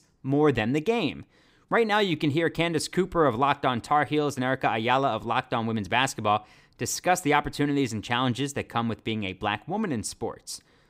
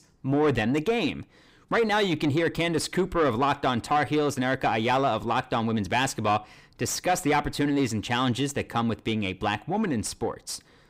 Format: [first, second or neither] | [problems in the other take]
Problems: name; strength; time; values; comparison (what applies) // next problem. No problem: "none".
first | distortion; slight; 10 dB below the speech